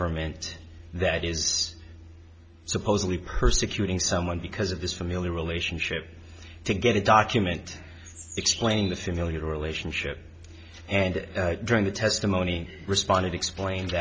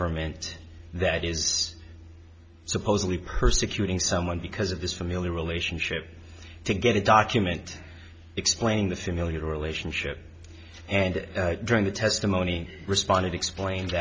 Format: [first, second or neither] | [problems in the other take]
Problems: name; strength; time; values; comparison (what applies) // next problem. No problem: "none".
second | background sound (Bird); 12 dB below the speech